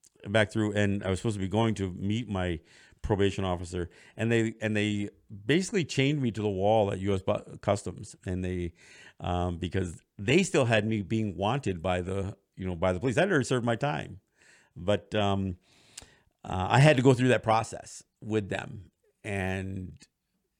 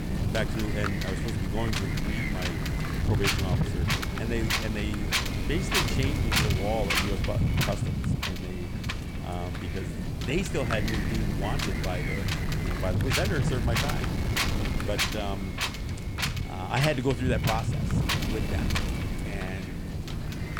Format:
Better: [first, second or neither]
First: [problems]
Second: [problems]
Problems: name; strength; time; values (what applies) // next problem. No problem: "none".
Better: first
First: none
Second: wind noise on the microphone; heavy; 3 dB above the speech